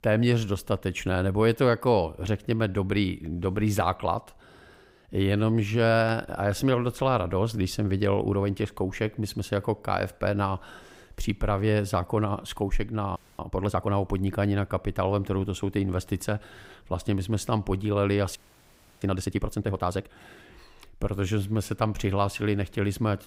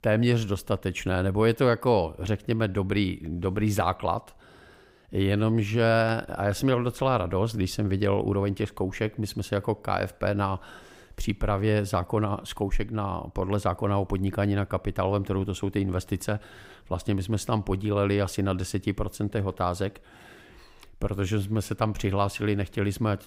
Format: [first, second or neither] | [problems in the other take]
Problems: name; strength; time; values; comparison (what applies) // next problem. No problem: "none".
second | audio freezing; at 13 s and at 18 s for 0.5 s